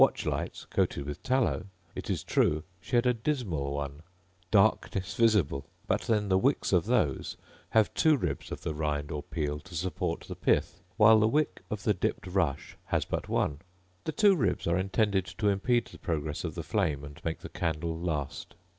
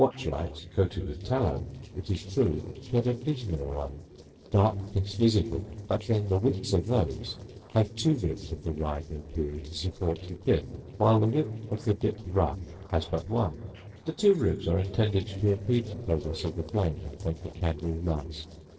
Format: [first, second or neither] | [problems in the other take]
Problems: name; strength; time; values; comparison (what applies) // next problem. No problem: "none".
first | noise reduction (neural separator model SepFormer DNS4)